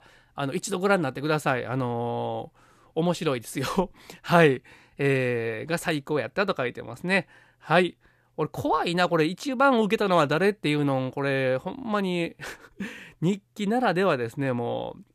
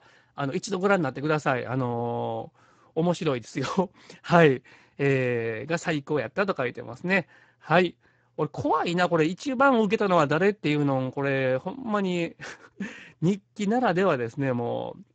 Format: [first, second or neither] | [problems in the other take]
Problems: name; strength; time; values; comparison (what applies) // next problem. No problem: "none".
first | garbled, watery; badly; nothing above 7.5 kHz